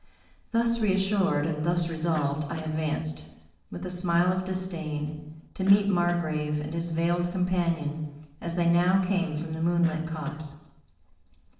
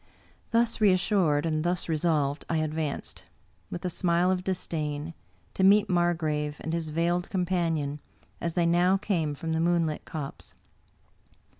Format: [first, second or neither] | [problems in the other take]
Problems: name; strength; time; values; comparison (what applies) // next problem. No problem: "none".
second | noise reduction (neural separator model SepFormer DNS4)